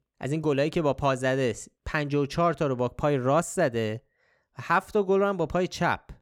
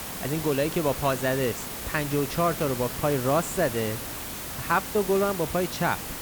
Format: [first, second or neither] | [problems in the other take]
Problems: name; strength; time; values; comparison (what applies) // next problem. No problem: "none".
first | hiss; loud; throughout; 6 dB below the speech